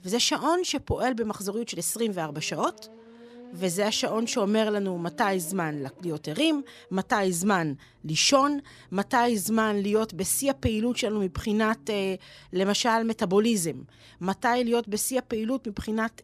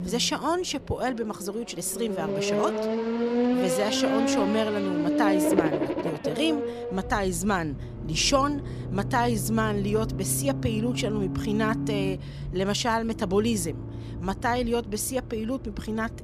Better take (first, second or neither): first